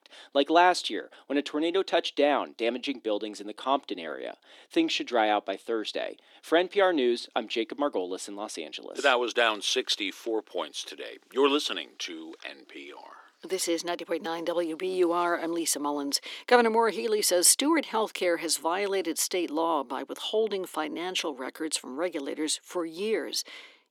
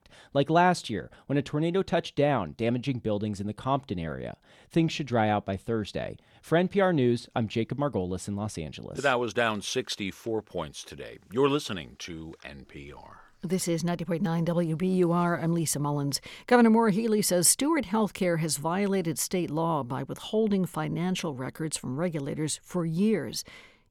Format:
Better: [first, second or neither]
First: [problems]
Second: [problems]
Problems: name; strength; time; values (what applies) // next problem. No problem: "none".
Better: second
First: thin; somewhat; fading below 300 Hz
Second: none